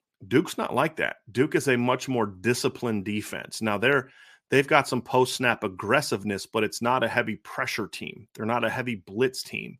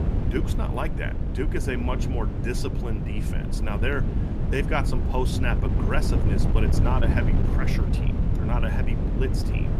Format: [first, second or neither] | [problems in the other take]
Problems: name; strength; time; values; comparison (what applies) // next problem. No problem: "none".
first | wind noise on the microphone; heavy; 4 dB below the speech